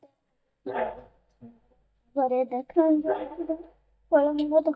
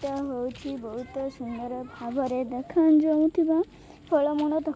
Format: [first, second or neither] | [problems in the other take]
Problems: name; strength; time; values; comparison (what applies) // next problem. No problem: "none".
second | noise reduction (neural mask model DeepFilterNet 3)